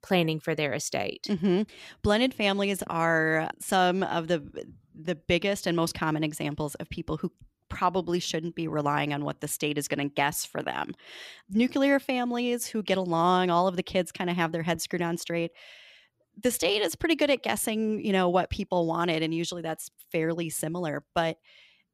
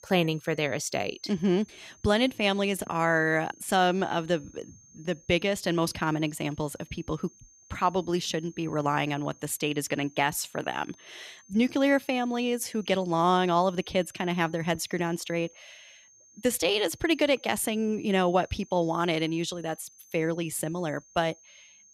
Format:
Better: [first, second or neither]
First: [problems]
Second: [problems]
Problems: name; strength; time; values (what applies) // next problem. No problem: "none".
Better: first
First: none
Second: high-pitched whine; faint; throughout; 6.5 kHz, 25 dB below the speech